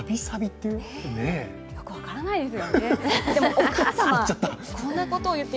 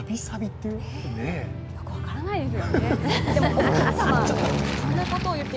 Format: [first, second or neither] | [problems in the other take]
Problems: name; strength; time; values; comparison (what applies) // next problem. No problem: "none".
first | background sound (Aircraft); 1 dB above the speech